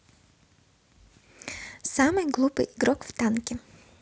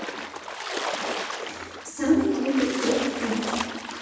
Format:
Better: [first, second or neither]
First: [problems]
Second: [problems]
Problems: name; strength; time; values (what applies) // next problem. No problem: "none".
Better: first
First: none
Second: background sound (Splash, splatter); 5 dB below the speech // room echo; dies away in 1.1 s